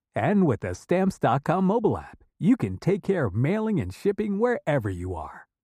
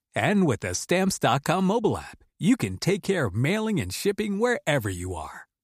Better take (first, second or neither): second